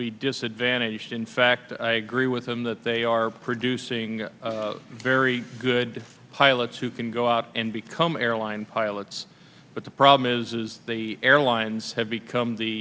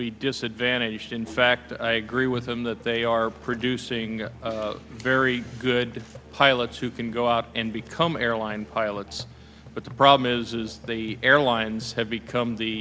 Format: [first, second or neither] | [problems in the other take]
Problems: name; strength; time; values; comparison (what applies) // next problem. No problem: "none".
first | background sound (Musical instrument); 20 dB below the speech